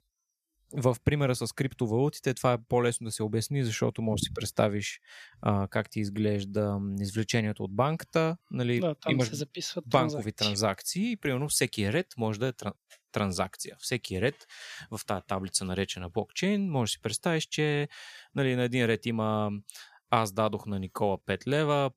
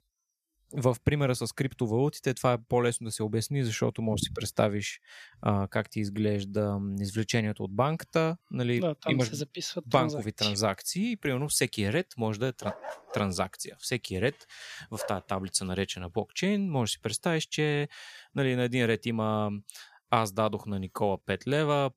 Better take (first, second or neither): first